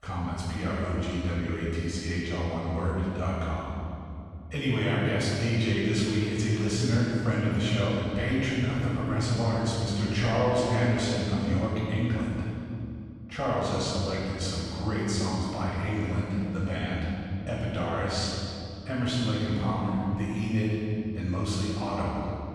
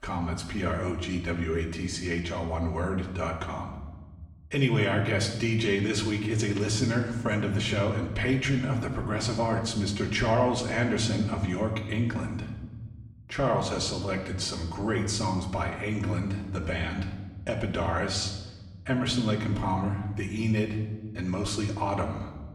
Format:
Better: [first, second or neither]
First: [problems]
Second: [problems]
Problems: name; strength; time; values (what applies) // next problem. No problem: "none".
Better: second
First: room echo; strong; dies away in 2.6 s // off-mic speech; far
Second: room echo; slight; dies away in 1.1 s // off-mic speech; far